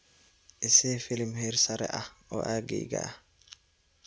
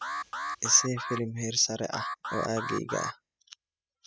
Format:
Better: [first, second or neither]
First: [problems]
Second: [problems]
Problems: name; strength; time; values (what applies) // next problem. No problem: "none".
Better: first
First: none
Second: noise reduction (classical method spectral subtraction)